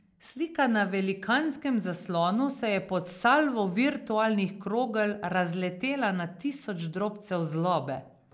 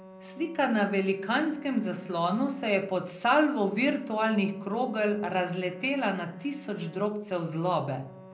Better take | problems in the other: first | background sound (Bowed string instrument); 20 dB below the speech // room echo; dies away in 0.5 s

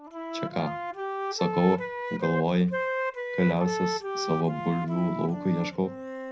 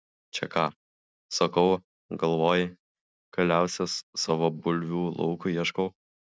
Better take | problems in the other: second | background sound (Wind instrument, woodwind instrument); 4 dB below the speech // room echo; dies away in 0.4 s

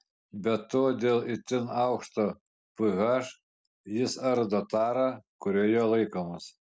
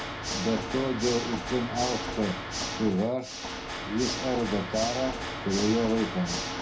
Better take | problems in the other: first | background sound (Water / Mechanisms); 4 dB below the speech // room echo; dies away in 0.4 s

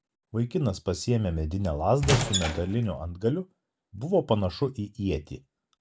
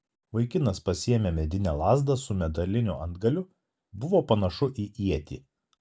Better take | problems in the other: second | background sound (Squeak / Wood); 1 dB below the speech

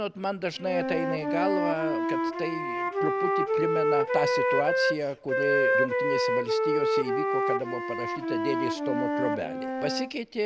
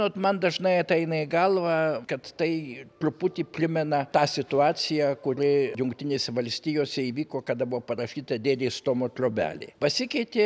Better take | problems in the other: second | background sound (Wind instrument, woodwind instrument); 5 dB above the speech

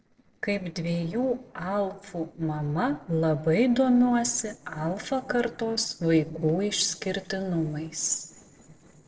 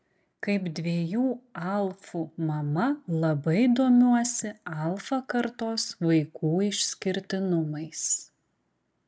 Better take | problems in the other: second | noise reduction (neural separator model SepFormer DNS4)

